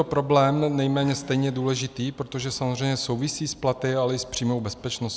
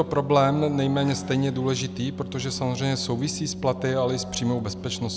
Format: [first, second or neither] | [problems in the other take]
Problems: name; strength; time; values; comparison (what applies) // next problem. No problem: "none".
first | background sound (Keyboard (musical)); 11 dB below the speech